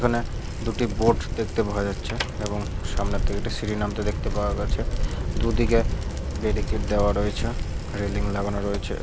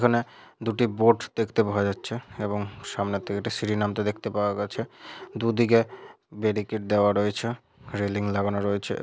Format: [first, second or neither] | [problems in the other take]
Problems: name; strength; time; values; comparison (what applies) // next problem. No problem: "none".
second | background sound (Bicycle); 1 dB above the speech